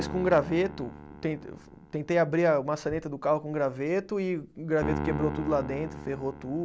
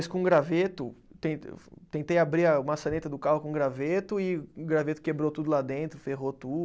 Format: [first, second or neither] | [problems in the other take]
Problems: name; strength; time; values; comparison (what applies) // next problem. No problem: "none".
second | background sound (Piano); 11 dB below the speech